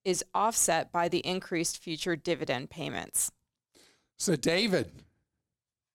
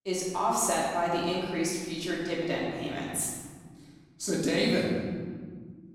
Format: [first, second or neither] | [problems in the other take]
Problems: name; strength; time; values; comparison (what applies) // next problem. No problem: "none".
first | off-mic speech; far // room echo; noticeable; dies away in 1.9 s